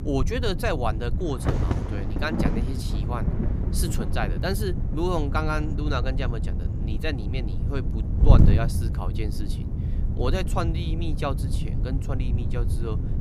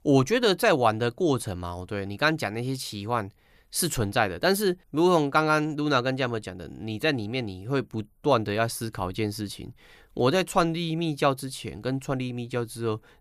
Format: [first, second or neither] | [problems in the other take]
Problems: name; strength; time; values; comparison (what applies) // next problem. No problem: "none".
second | wind noise on the microphone; heavy; 6 dB below the speech